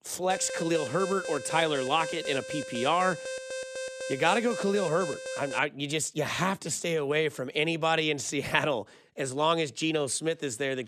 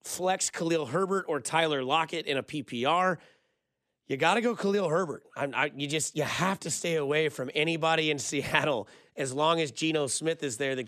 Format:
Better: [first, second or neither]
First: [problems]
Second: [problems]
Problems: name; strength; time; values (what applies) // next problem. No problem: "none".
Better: second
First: alarm; noticeable; until 5.5 s; peak 7 dB below the speech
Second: none